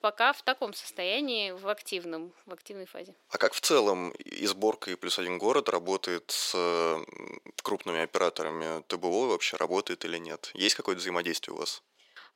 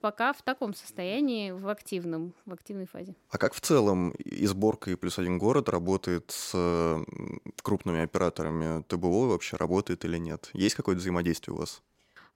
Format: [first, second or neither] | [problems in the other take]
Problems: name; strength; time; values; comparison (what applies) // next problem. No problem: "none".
second | thin; somewhat; fading below 500 Hz